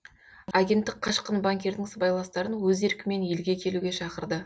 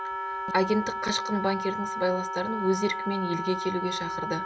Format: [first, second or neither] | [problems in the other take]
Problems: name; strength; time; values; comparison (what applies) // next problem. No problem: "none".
first | background sound (Wind instrument, woodwind instrument); 3 dB below the speech